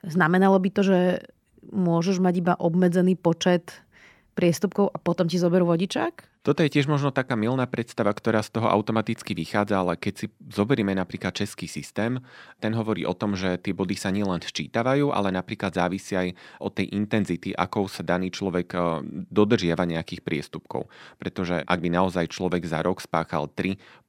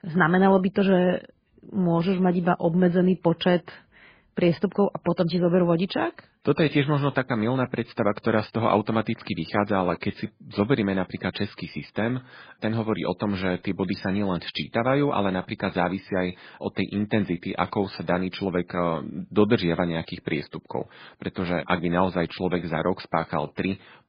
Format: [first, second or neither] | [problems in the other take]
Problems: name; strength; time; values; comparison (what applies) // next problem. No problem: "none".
first | garbled, watery; badly